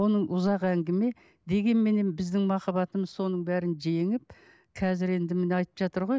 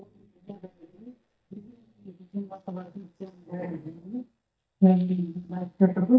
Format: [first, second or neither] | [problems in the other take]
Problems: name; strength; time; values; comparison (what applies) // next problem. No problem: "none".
first | noise reduction (neural mask model DeepFilterNet 3)